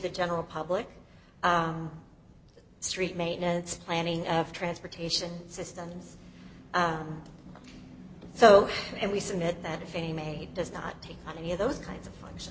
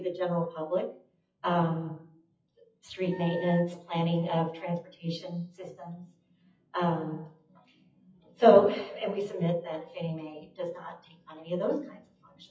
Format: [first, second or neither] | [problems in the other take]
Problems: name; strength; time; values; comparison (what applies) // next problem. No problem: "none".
first | noise reduction (classical method WPE with log-MMSE)